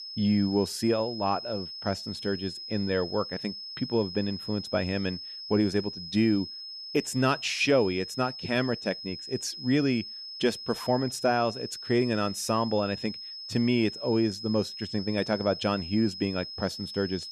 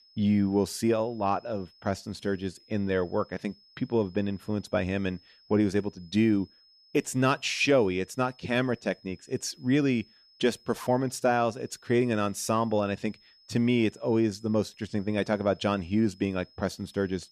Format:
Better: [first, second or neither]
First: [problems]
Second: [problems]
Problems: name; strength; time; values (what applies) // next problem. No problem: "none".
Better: second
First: high-pitched whine; loud; throughout; 5 kHz, 9 dB below the speech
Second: high-pitched whine; faint; throughout; 5 kHz, 30 dB below the speech